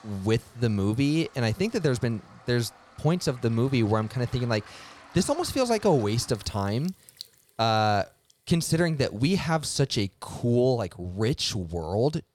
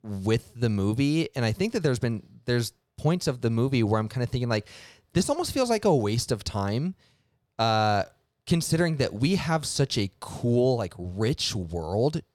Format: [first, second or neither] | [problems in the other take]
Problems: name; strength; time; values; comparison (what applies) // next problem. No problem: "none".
second | household noises; faint; throughout; 25 dB below the speech